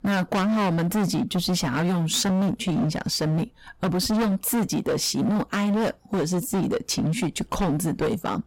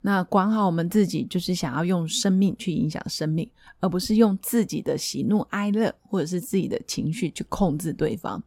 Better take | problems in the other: second | distortion; heavy; 29% of the sound clipped

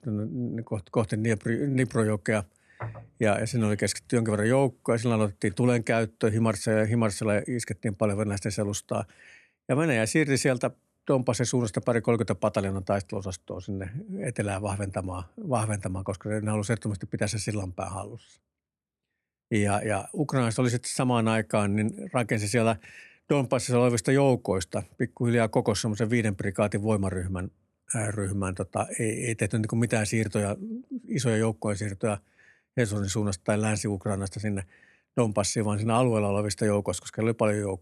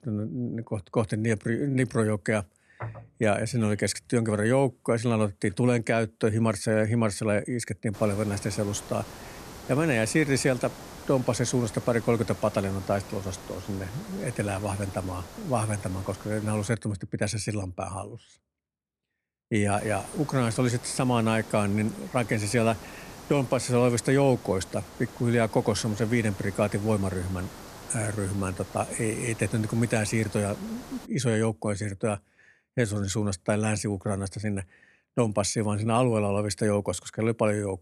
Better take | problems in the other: first | hiss; noticeable; from 8 to 17 s and from 20 to 31 s; 15 dB below the speech

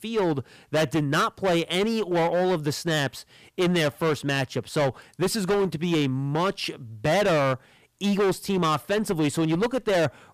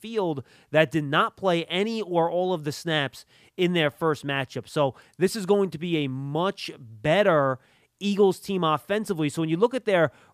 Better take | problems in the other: second | distortion; heavy; 18% of the sound clipped

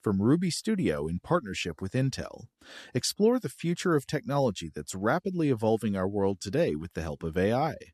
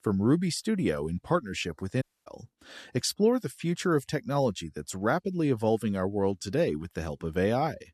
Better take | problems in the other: first | audio cutting out; at 2 s

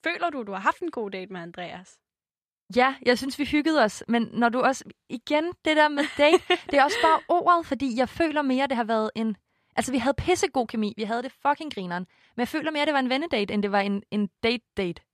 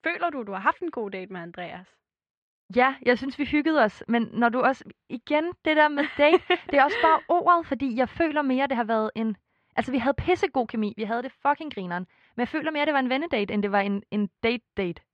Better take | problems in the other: first | muffled; slightly; fading above 2.5 kHz

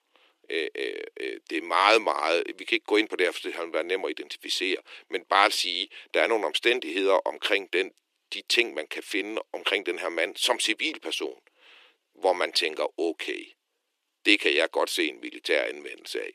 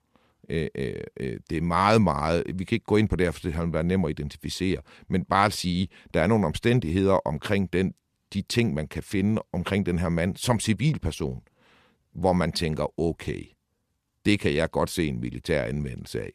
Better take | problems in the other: second | thin; very; fading below 300 Hz

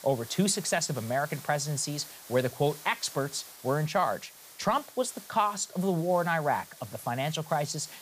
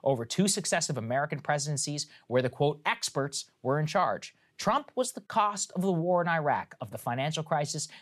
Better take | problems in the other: second | hiss; noticeable; throughout; 15 dB below the speech

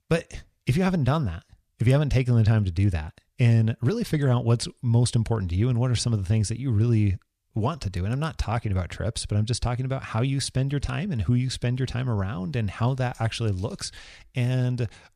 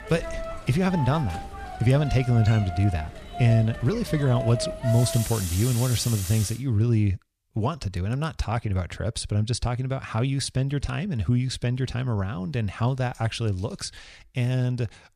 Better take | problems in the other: first | household noises; loud; until 6.5 s; 9 dB below the speech

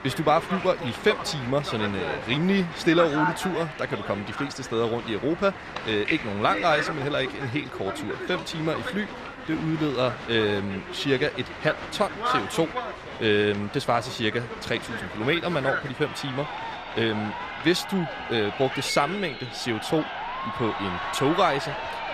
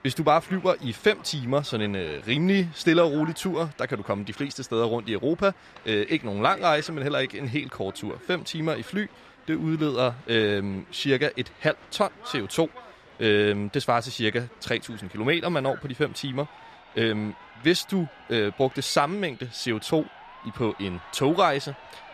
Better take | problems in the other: second | crowd noise; loud; throughout; 6 dB below the speech; faint in the second

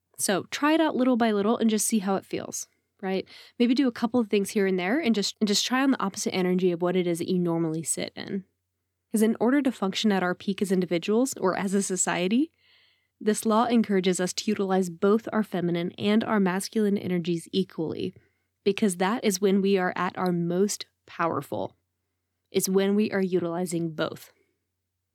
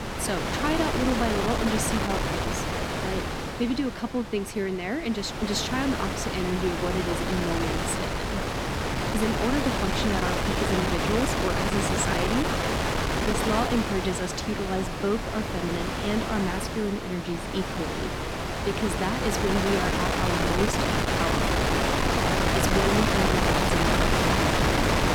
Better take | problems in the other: first | wind noise on the microphone; heavy; 5 dB above the speech

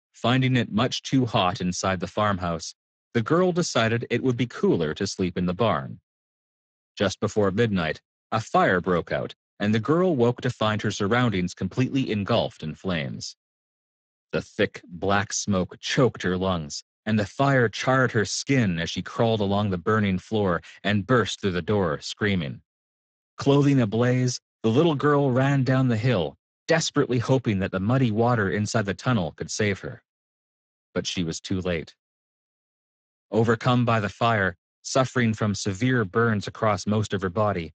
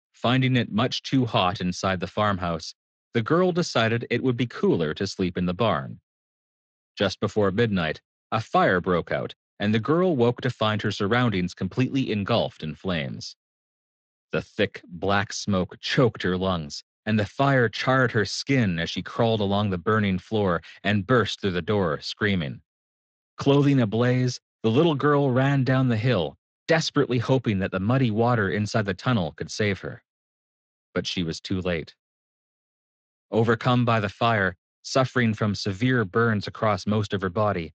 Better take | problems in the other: second | garbled, watery; badly; nothing above 7.5 kHz; slightly in the second

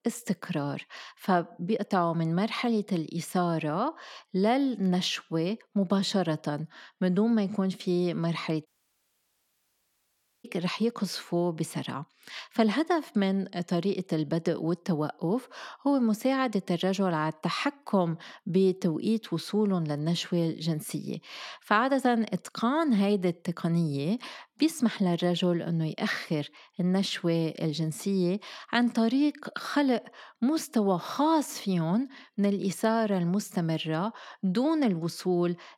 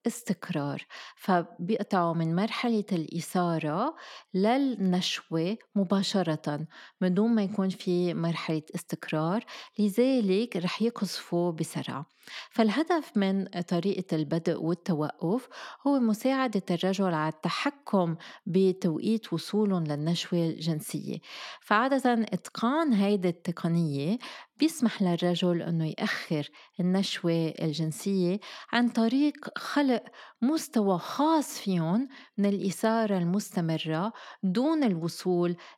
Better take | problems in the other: second | audio cutting out; at 8.5 s for 2 s

